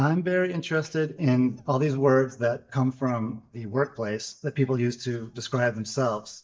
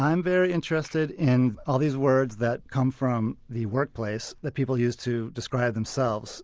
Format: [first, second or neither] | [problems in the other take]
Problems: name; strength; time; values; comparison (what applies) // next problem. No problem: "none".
second | noise reduction (neural mask model DeepFilterNet 3)